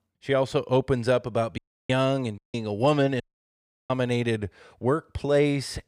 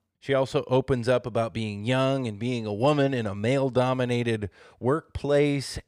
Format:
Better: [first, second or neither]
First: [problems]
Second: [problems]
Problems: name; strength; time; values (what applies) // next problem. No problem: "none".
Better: second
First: audio cutting out; at 1.5 s, at 2.5 s and at 3 s for 0.5 s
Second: none